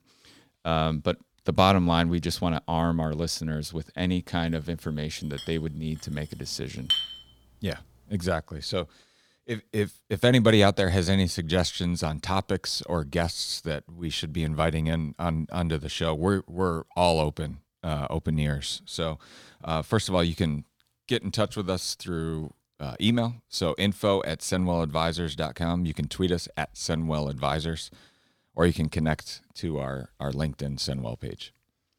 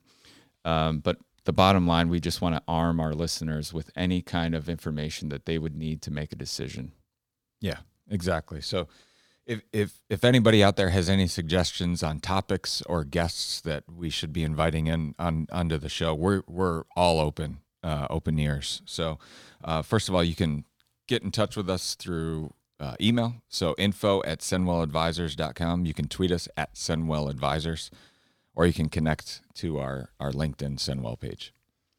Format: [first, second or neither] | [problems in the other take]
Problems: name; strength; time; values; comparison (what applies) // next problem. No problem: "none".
second | clattering dishes; loud; from 5.5 to 7 s; peak 2 dB above the speech